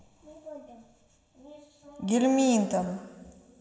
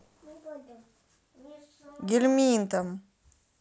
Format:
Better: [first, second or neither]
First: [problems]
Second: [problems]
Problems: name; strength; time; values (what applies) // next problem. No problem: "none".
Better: second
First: room echo; dies away in 2 s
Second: none